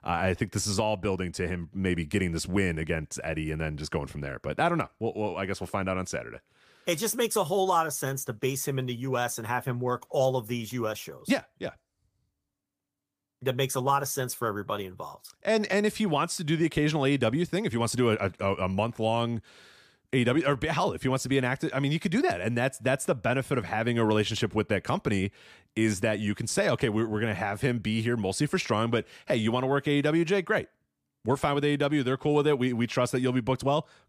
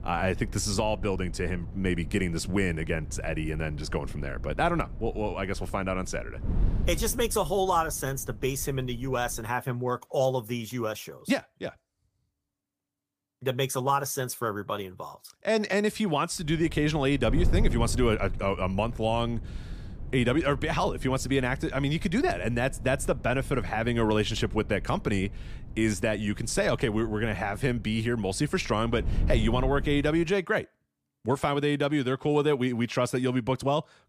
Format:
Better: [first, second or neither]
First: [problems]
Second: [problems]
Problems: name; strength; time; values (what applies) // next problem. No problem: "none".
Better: first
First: none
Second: wind noise on the microphone; occasional gusts; until 9.5 s and from 16 to 30 s; 20 dB below the speech